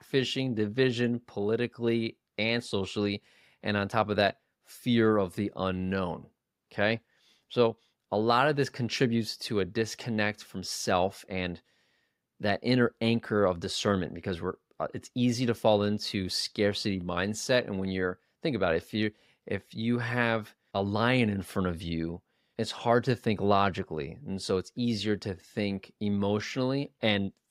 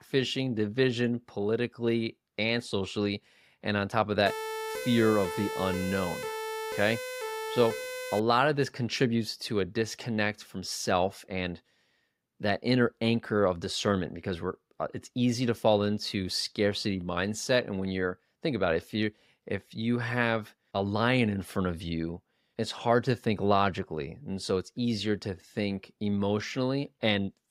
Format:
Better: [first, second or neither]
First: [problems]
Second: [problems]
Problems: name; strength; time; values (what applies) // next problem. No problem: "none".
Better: first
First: none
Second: siren; noticeable; from 4.5 to 8 s; peak 5 dB below the speech